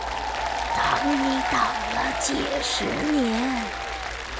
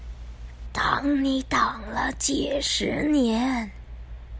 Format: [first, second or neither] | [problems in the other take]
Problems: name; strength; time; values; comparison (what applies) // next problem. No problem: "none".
second | background sound (Applause); 1 dB below the speech